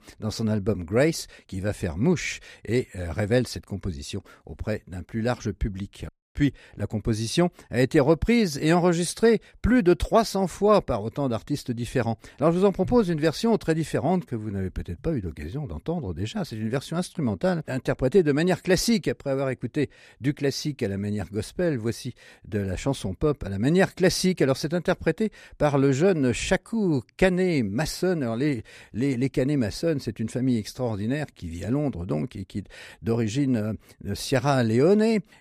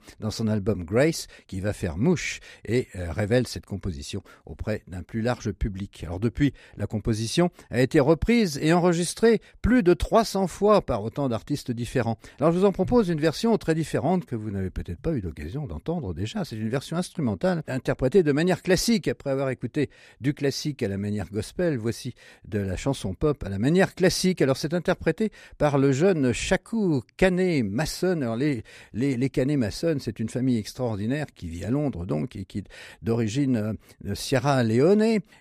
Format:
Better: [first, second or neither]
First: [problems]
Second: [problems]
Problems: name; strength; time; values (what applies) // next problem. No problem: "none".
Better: second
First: audio cutting out; at 6 s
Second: none